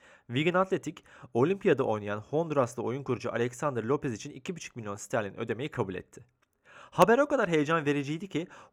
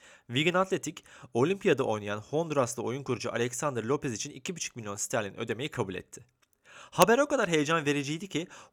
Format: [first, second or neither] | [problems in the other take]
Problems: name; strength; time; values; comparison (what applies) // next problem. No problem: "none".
second | muffled; slightly; fading above 3 kHz